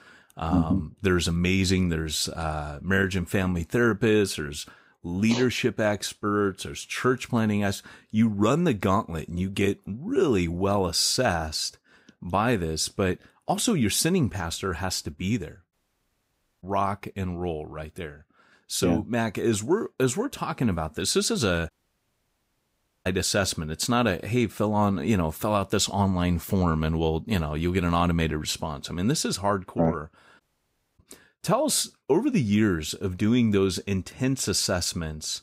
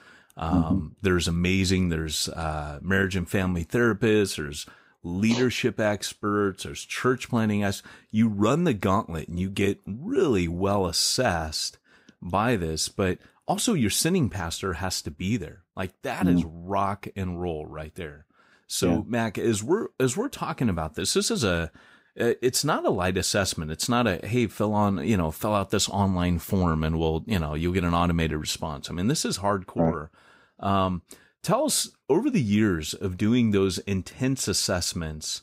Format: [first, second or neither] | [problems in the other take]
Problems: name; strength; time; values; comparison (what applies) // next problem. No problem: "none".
second | audio cutting out; at 16 s for 1 s, at 22 s for 1.5 s and at 30 s for 0.5 s